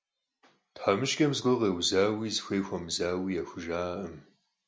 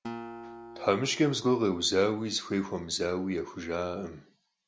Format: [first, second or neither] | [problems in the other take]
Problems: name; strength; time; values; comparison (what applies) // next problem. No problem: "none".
first | background sound (Acoustic guitar); 17 dB below the speech